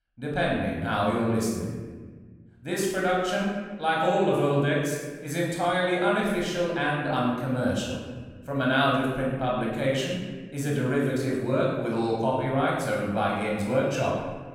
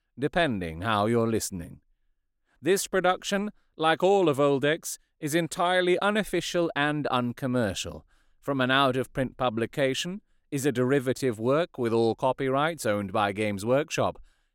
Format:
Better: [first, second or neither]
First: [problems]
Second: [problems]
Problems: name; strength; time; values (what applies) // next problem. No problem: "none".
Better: second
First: off-mic speech; far // room echo; noticeable; dies away in 1.3 s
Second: none